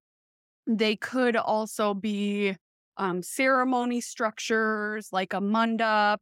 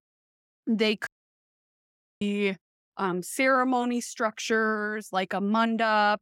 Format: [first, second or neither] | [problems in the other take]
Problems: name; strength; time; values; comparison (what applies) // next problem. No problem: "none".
first | audio cutting out; at 1 s for 1 s